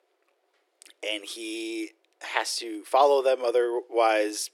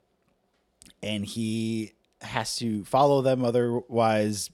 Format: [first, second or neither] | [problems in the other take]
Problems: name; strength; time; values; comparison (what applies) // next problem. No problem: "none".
second | thin; very; fading below 300 Hz